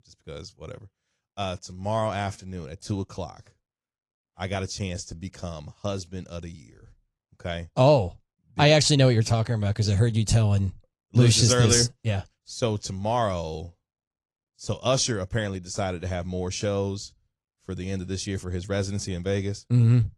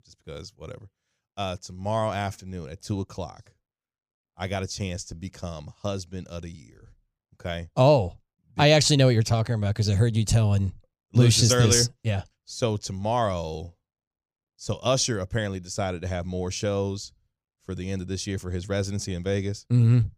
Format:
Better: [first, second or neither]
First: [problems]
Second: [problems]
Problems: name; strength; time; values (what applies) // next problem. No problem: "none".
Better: second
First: garbled, watery; slightly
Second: none